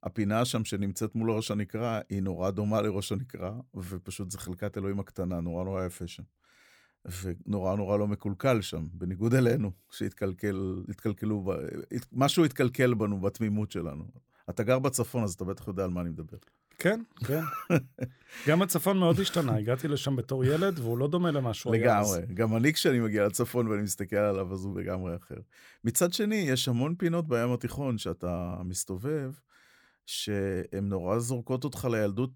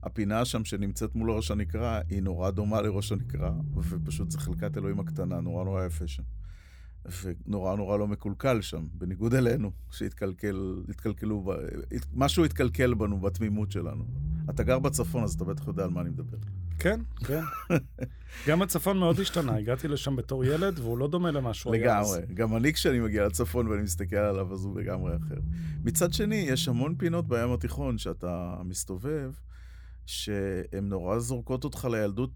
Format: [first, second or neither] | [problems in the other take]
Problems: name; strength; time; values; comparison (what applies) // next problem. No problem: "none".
first | low rumble; noticeable; throughout; 15 dB below the speech